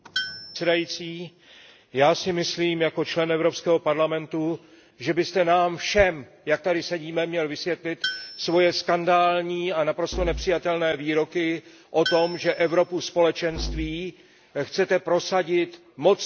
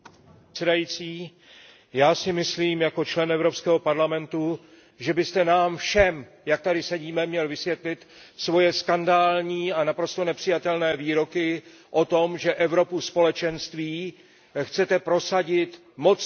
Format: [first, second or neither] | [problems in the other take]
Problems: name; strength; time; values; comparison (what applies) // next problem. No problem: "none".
second | background sound (Musical instrument + Tools); 14 dB below the speech